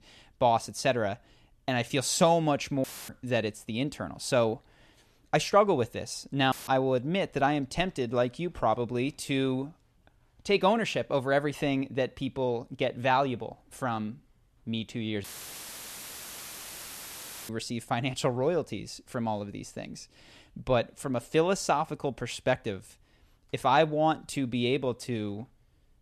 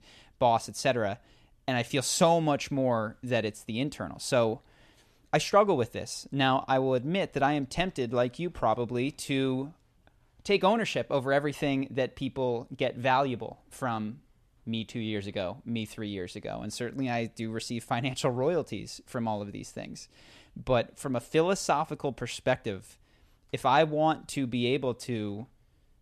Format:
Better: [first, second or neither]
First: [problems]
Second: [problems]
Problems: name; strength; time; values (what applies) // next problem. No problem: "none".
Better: second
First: audio cutting out; filled with static; at 3 s, at 6.5 s and at 15 s for 2 s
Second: none